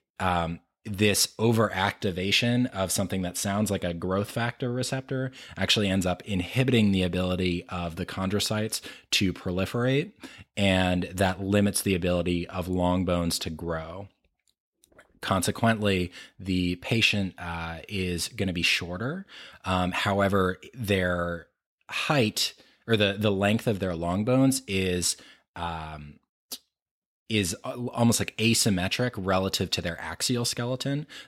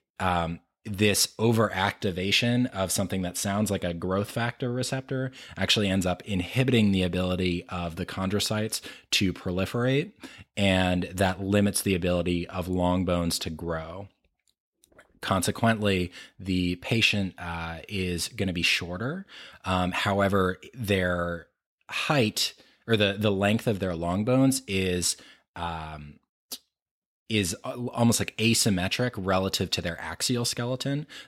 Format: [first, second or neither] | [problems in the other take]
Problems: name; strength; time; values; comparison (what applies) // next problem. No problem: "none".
neither | none